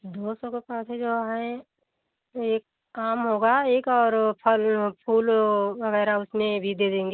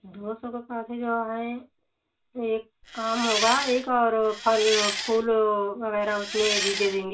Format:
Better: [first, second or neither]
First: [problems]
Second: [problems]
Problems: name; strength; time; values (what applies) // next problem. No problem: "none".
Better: first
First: none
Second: background sound (Engine); 4 dB below the speech // room echo; dies away in 0.2 s